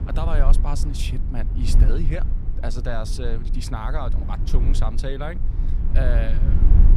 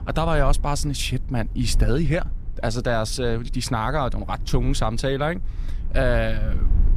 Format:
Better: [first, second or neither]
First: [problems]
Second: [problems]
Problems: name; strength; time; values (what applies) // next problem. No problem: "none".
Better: second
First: low rumble; loud; throughout; 8 dB below the speech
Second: low rumble; faint; throughout; 25 dB below the speech